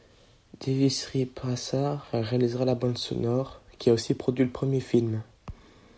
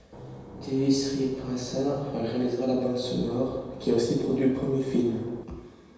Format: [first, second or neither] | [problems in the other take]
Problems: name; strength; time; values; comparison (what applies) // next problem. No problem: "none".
first | background sound (Engine / Boat, Water vehicle); 14 dB below the speech // room echo; dies away in 1.1 s